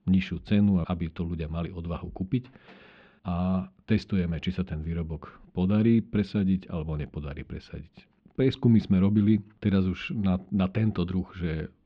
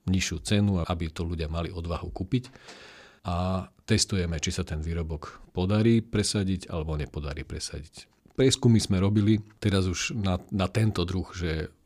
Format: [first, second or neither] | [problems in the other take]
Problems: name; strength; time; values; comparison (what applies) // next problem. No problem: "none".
second | muffled; very; fading above 3 kHz